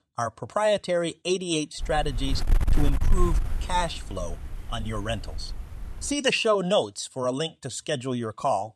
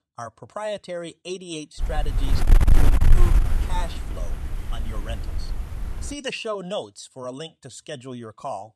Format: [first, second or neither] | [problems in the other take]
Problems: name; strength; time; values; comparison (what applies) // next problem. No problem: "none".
first | wind noise on the microphone; heavy; from 2 to 6 s; 3 dB below the speech; occasional gusts in the first